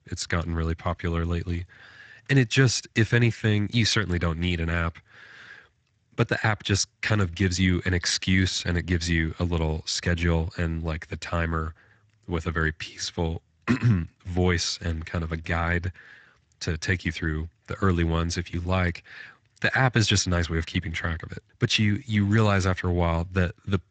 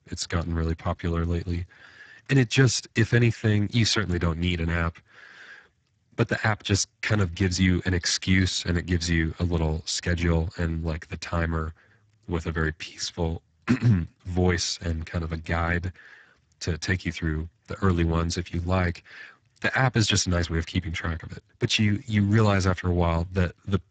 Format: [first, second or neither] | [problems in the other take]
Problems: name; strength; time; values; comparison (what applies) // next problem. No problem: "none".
first | garbled, watery; badly; nothing above 7.5 kHz; slightly in the first